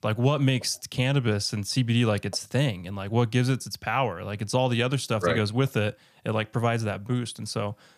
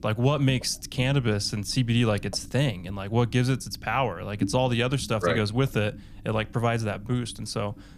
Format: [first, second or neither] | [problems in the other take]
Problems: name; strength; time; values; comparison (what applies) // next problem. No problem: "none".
first | low rumble; faint; throughout; 20 dB below the speech